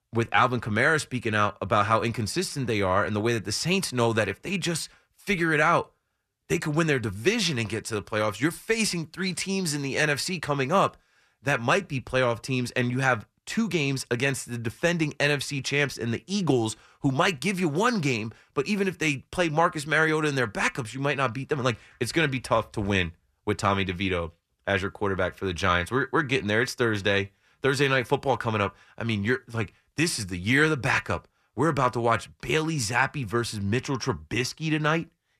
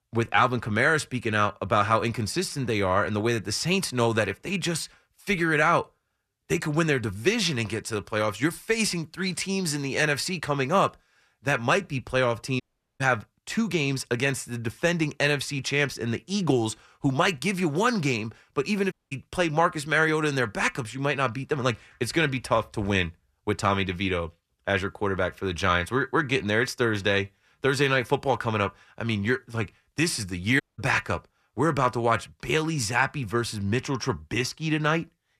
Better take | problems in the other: first | audio cutting out; at 13 s, at 19 s and at 31 s

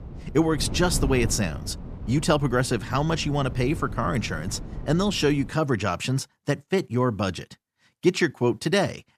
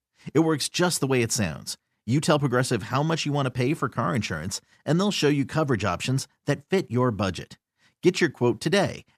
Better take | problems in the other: second | wind noise on the microphone; occasional gusts; until 5.5 s; 15 dB below the speech

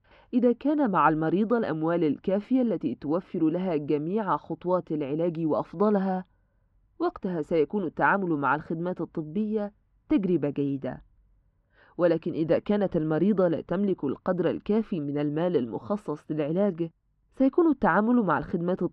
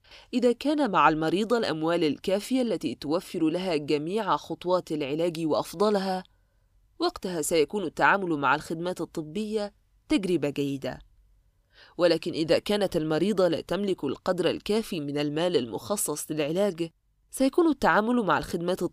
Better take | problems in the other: second | muffled; very; fading above 1.5 kHz

